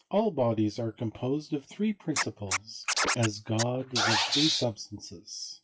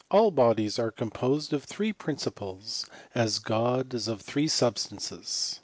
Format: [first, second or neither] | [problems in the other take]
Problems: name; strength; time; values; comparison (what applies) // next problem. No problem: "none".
second | noise reduction (classical method WPE with log-MMSE)